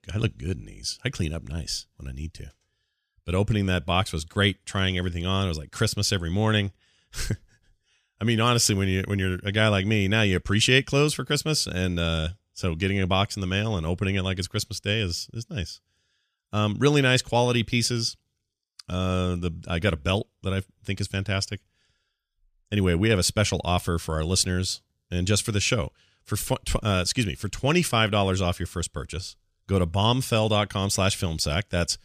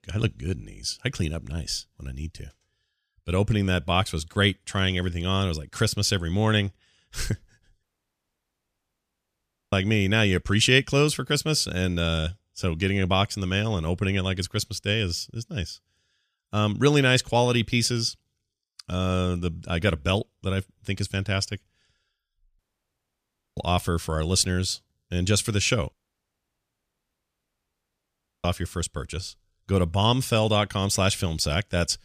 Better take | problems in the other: first | audio cutting out; at 8 s for 2 s, at 23 s for 1 s and at 26 s for 2.5 s

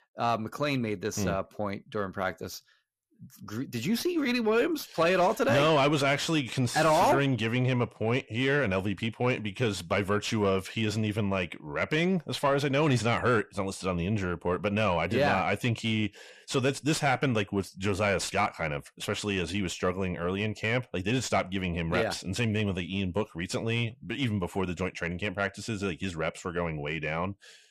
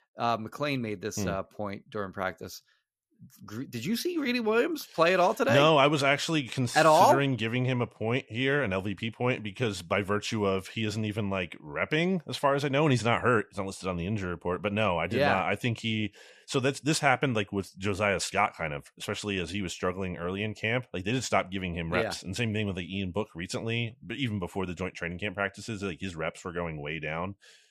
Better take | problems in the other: second | distortion; slight; 10 dB below the speech

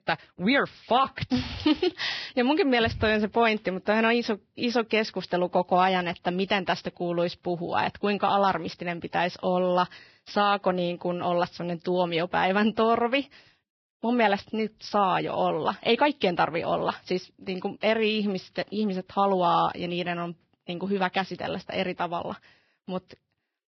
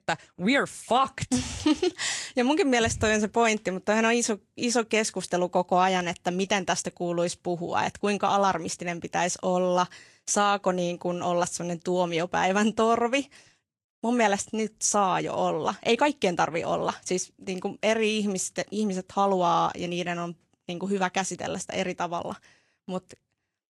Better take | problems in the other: second | garbled, watery; badly; nothing above 5.5 kHz; slightly in the second

